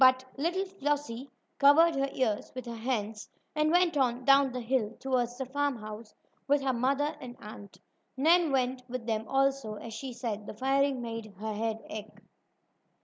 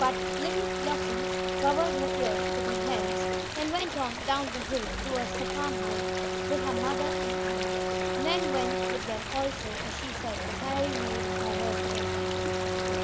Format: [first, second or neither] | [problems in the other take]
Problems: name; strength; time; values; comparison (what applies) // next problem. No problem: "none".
first | background sound (Brass instrument + Stream); 4 dB above the speech